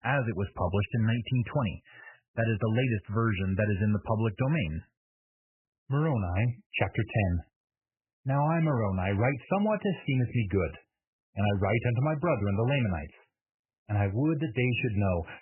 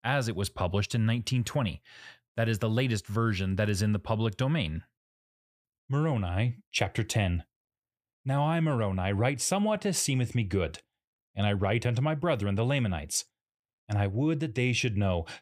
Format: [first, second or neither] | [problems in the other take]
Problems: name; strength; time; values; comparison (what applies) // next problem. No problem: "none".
second | garbled, watery; badly; nothing above 3 kHz